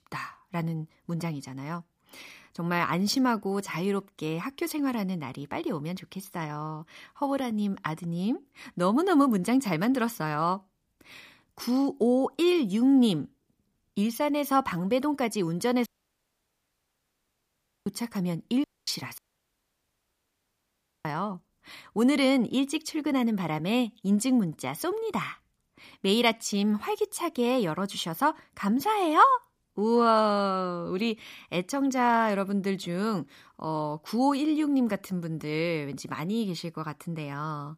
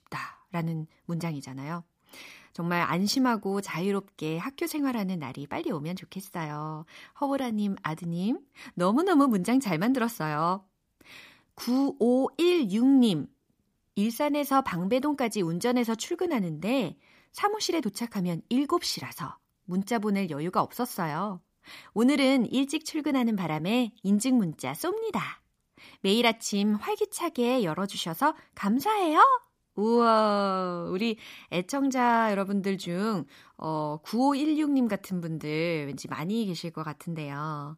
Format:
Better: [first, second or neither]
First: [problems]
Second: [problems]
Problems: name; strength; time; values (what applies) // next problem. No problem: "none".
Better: second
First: audio cutting out; at 16 s for 2 s and at 19 s for 2 s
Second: none